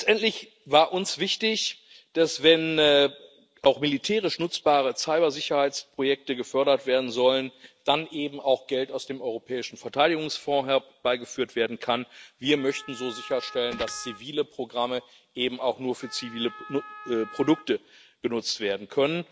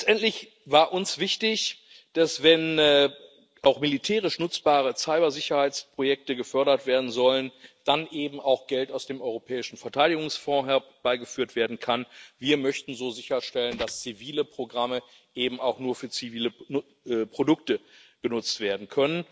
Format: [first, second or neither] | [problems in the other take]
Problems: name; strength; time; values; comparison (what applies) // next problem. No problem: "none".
second | background sound (Wind instrument, woodwind instrument); 18 dB below the speech